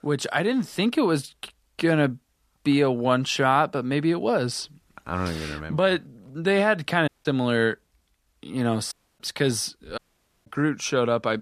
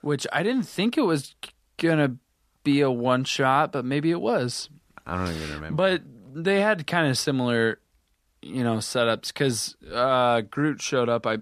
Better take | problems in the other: second | audio cutting out; at 7 s, at 9 s and at 10 s

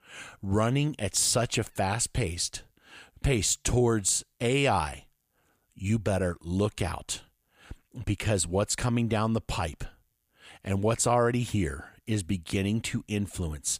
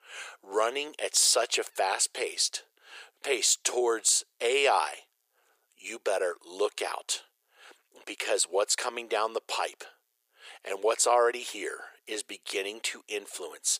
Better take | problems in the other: first | thin; very; fading below 400 Hz

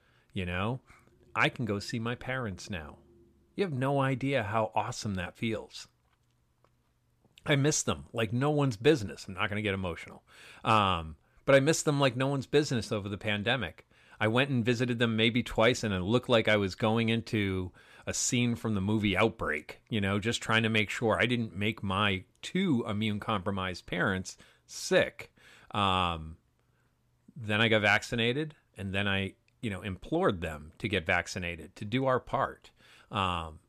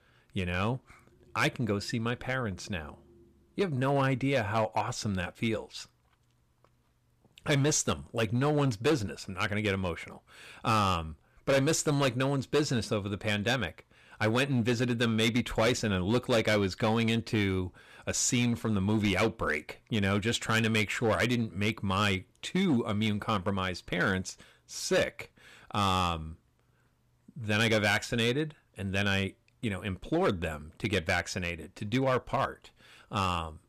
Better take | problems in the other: first | distortion; slight; 5% of the sound clipped

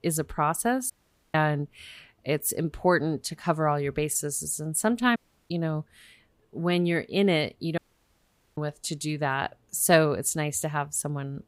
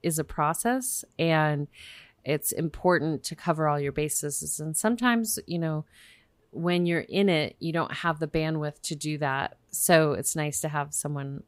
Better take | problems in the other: second | audio cutting out; at 1 s, at 5 s and at 8 s for 1 s

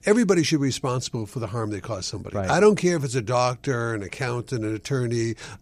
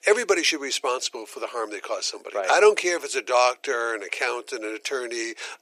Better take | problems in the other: first | thin; very; fading below 400 Hz

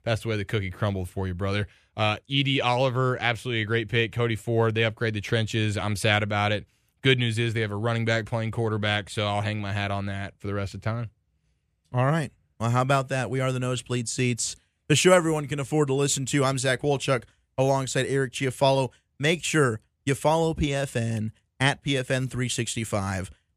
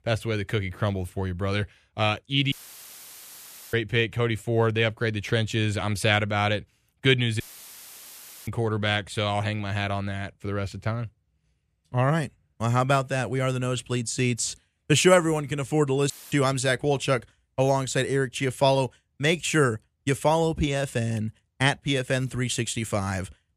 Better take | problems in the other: first | audio cutting out; filled with static; at 2.5 s for 1 s, at 7.5 s for 1 s and at 16 s

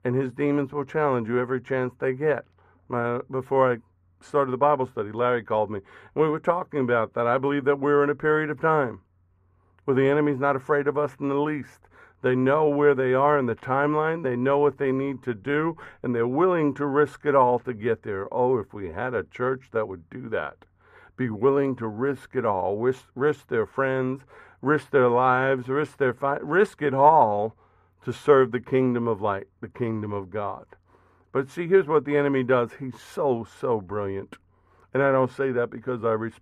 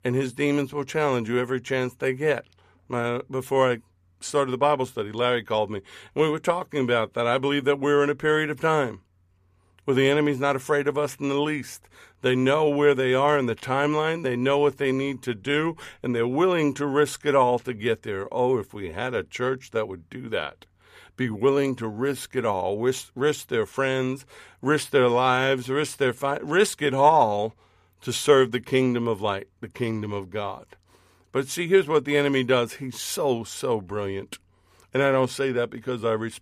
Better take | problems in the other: second | muffled; very; fading above 2 kHz

